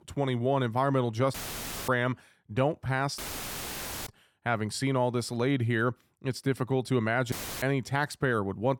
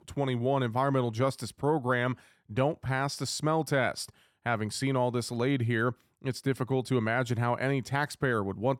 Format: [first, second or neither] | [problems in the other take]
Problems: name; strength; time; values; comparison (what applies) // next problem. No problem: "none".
second | audio cutting out; filled with static; at 1.5 s for 0.5 s, at 3 s for 1 s and at 7.5 s